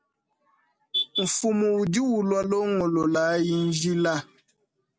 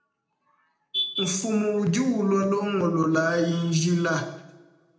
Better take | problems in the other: first | room echo; dies away in 0.8 s

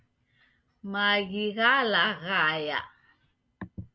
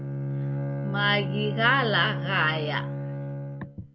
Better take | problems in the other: first | background sound (Bowed string instrument); 2 dB below the speech

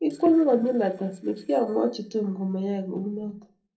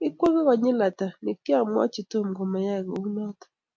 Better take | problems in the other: second | noise reduction (neural separator model SepFormer DNS4)

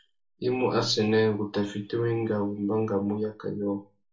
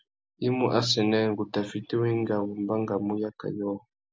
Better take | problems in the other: second | room echo; dies away in 0.2 s

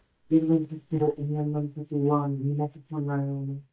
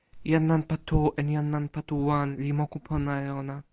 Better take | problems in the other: second | noise reduction (neural mask model DeepFilterNet 3)

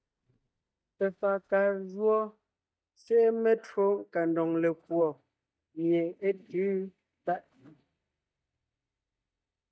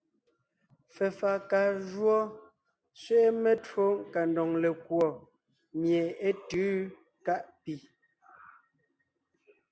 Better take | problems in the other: second | noise reduction (neural mask model DeepFilterNet 3)

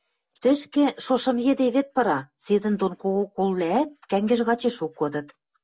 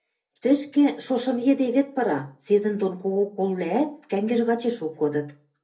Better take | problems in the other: first | room echo; dies away in 0.3 s

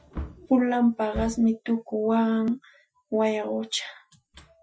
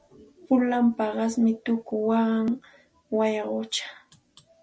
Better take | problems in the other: second | noise reduction (classical method Wiener filter)

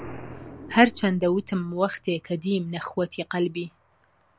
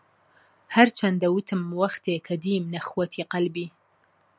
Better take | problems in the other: second | background sound (Explosion + Bowed string instrument); 19 dB below the speech

